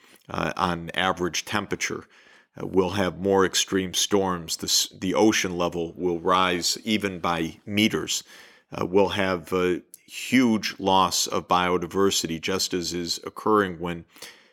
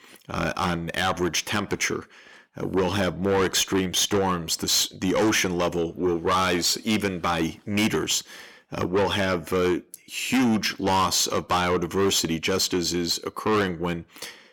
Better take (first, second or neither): first